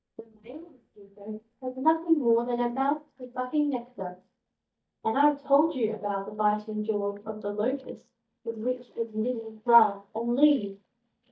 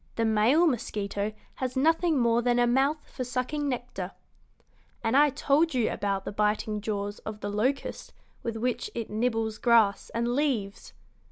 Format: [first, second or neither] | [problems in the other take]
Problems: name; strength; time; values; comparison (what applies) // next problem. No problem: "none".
second | noise reduction (neural mask model DeepFilterNet 3)